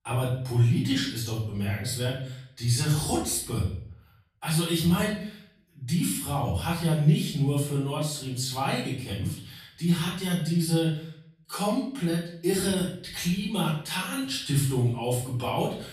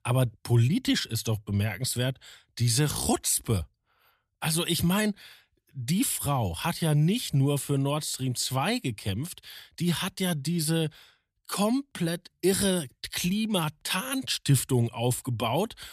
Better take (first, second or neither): second